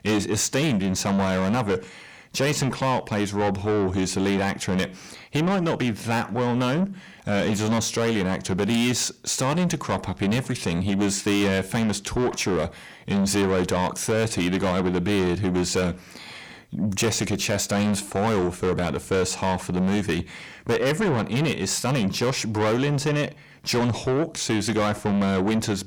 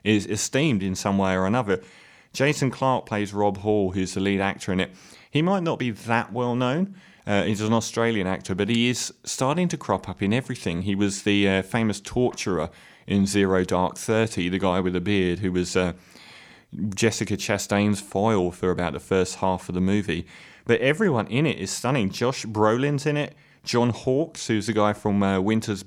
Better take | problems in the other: second | distortion; heavy; 7 dB below the speech

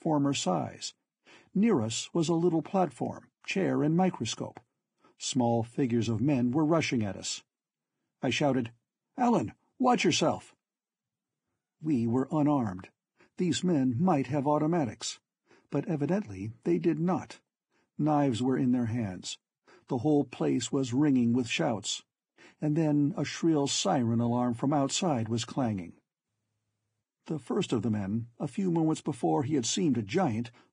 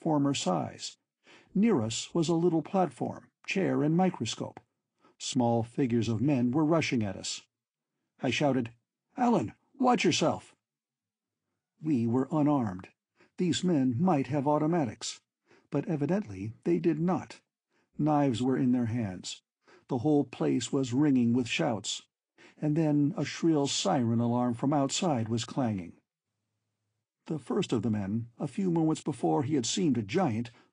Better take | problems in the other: second | garbled, watery; badly; slightly in the second

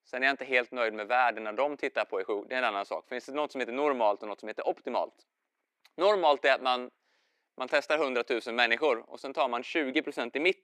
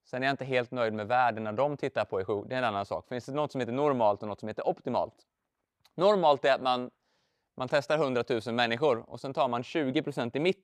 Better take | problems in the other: second | thin; very slightly; fading below 300 Hz

